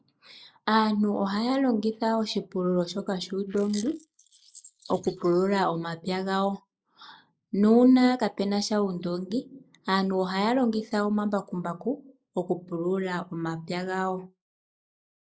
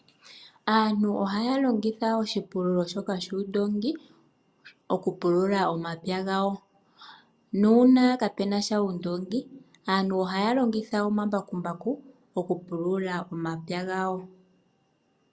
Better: second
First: noise reduction (neural mask model Resemble Enhance denoiser)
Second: none

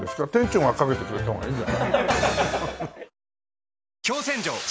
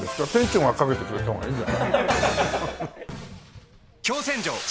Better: first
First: none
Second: background sound (Fireworks); 17 dB below the speech

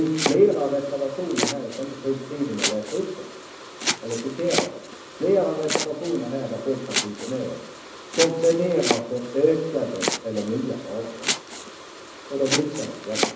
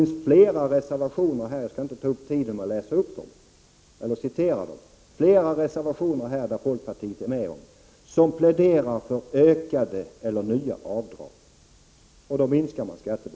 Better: second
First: background sound (Domestic sounds, home sounds); 5 dB below the speech // room echo; dies away in 0.8 s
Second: none

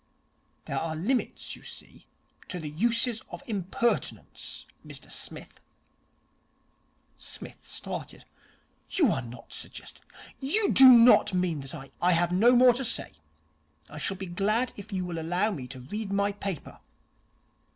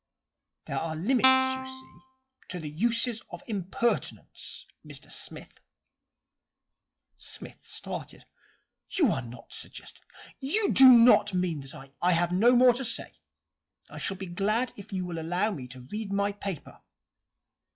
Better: first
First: none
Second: noise reduction (classical method log-MMSE)

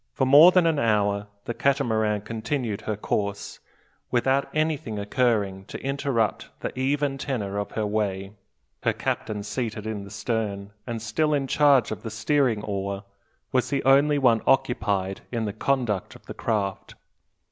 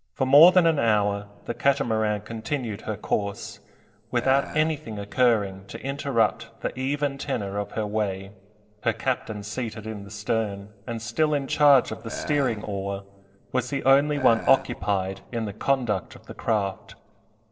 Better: first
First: none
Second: noise reduction (neural separator model SepFormer DNS4)

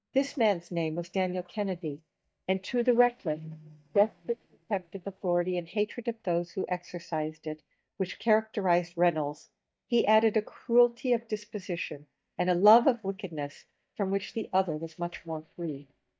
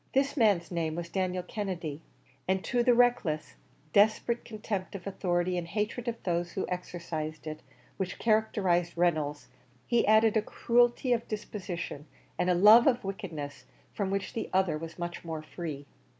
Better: second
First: noise reduction (neural mask model DeepFilterNet 3)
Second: none

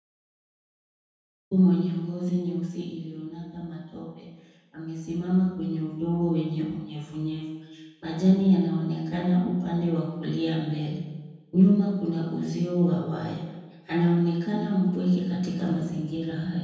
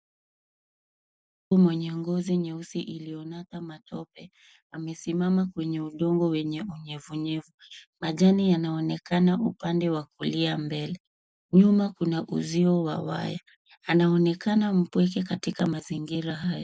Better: second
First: room echo; dies away in 1.2 s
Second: none

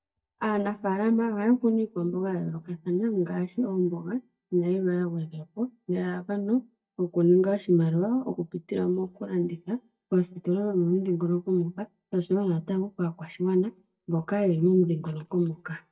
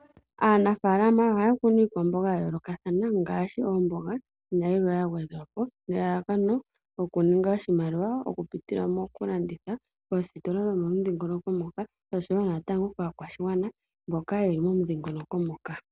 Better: second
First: noise reduction (neural mask model DeepFilterNet 3)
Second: none

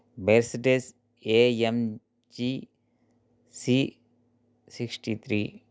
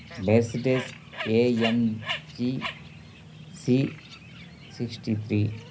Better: first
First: none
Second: background sound (Bird); 12 dB below the speech // room echo; dies away in 0.4 s

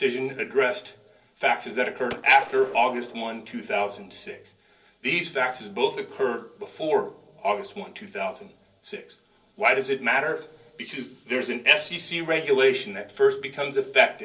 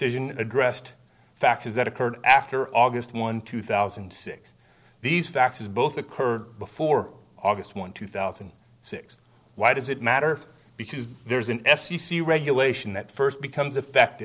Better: second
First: background sound (Gunshot, gunfire); 16 dB below the speech // room echo; dies away in 0.3 s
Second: none

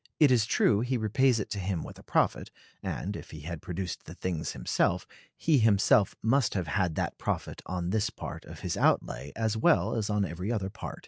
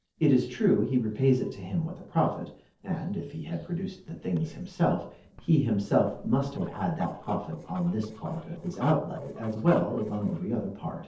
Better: first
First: none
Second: noise reduction (neural separator model SepFormer DNS4)

